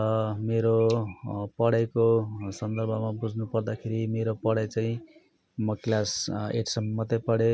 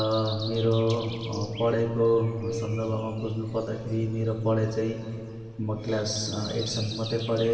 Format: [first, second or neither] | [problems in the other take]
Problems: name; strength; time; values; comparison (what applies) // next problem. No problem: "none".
first | background sound (Breathing); 17 dB below the speech // room echo; dies away in 2.5 s